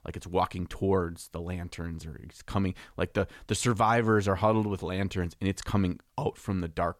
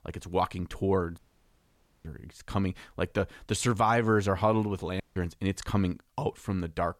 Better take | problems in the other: first | audio cutting out; at 1 s for 1 s and at 5 s

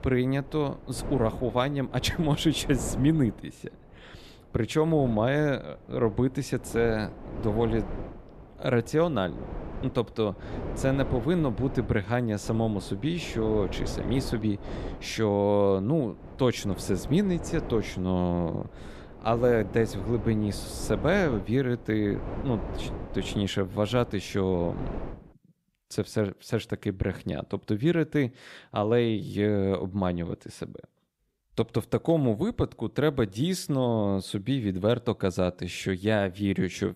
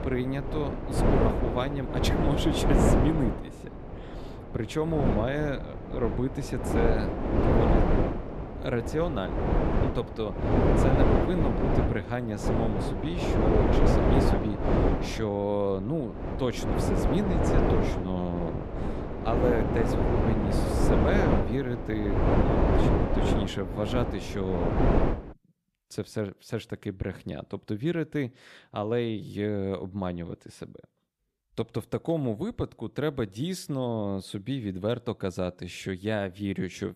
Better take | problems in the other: first | wind noise on the microphone; heavy; until 25 s; 3 dB above the speech; occasional gusts in the first

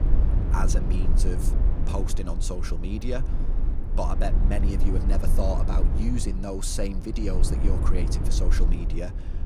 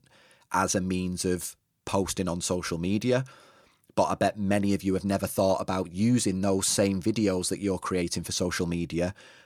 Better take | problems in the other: second | low rumble; loud; throughout; 6 dB below the speech

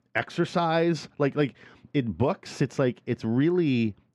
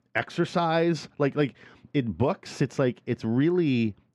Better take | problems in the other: neither | none

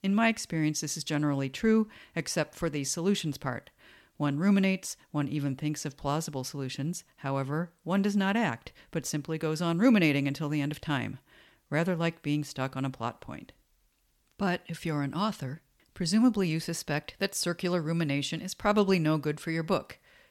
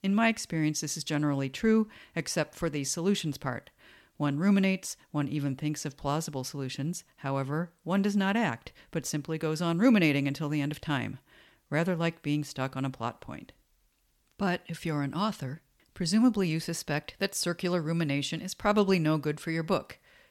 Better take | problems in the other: neither | none

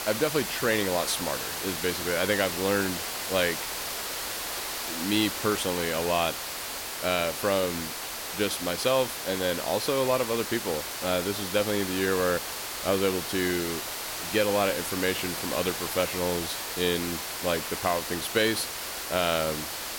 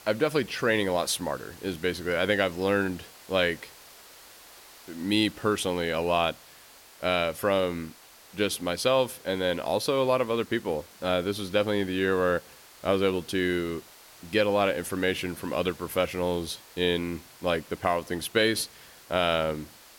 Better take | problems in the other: second | hiss; loud; throughout; 4 dB below the speech; faint in the second

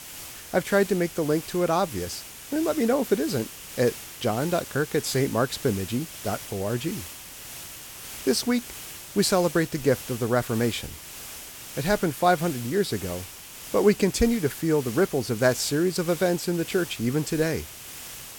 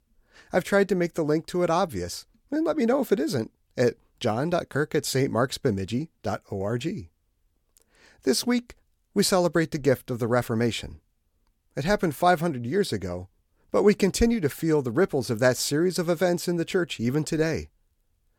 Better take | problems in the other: second | hiss; noticeable; throughout; 10 dB below the speech

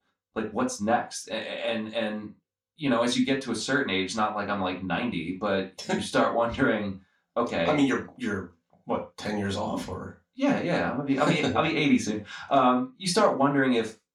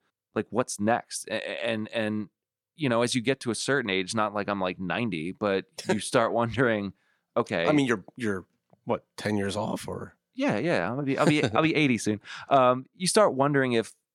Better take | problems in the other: second | room echo; very slight; dies away in 0.2 s // off-mic speech; far

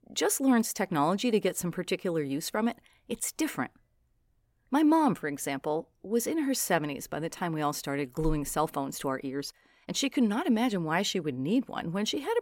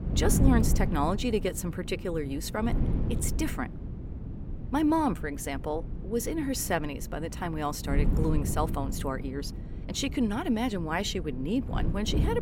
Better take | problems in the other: first | wind noise on the microphone; occasional gusts; 10 dB below the speech

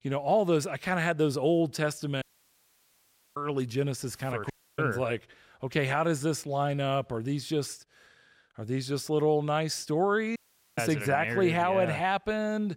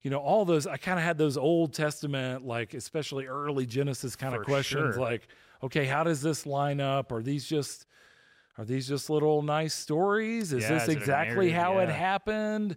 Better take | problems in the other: second | audio cutting out; at 2 s for 1 s, at 4.5 s and at 10 s

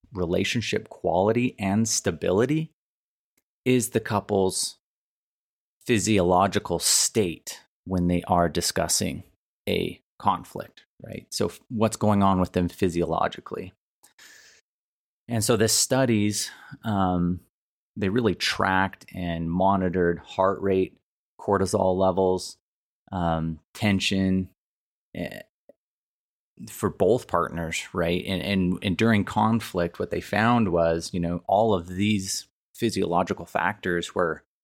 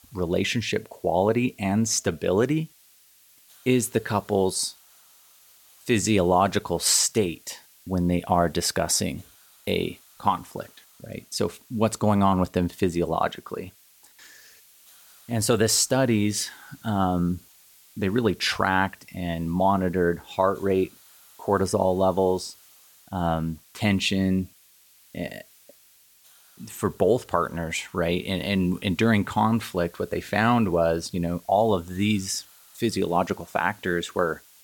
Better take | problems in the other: first | hiss; faint; throughout; 25 dB below the speech

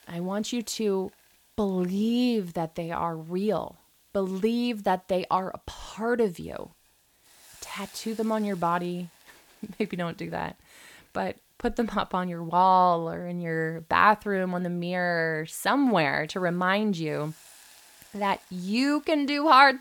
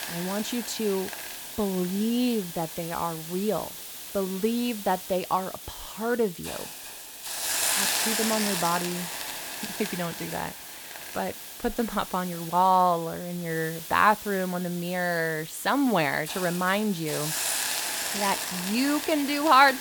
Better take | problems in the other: first | hiss; loud; throughout; 5 dB below the speech; faint in the first

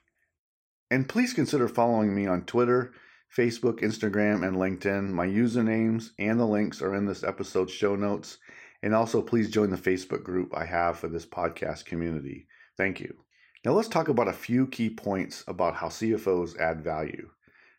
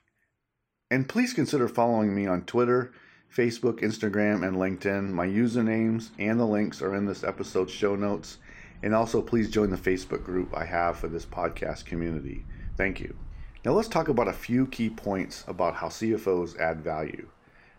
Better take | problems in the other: first | traffic noise; faint; throughout; 20 dB below the speech

